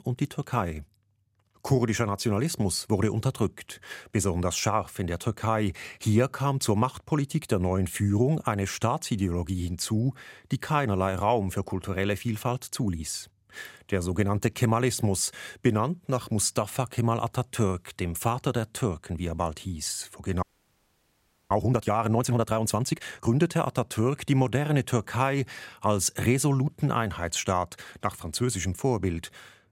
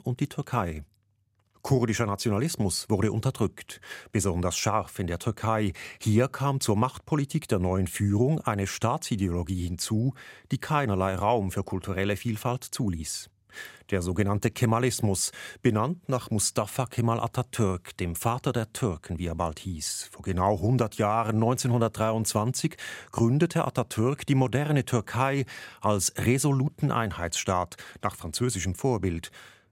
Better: second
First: audio freezing; at 20 s for 1 s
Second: none

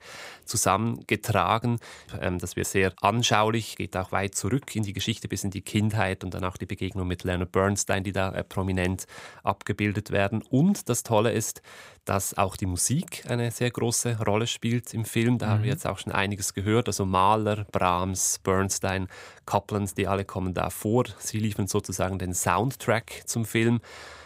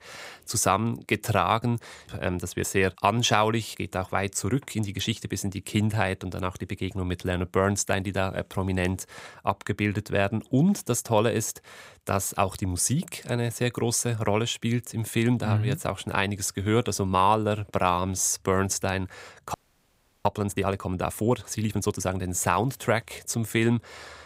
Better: first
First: none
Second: audio freezing; at 20 s for 0.5 s

